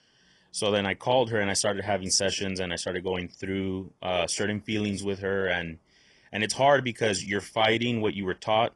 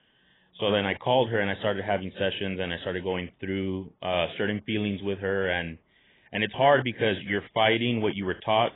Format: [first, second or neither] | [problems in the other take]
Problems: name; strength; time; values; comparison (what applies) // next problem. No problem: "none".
first | garbled, watery; badly; nothing above 3.5 kHz; slightly in the first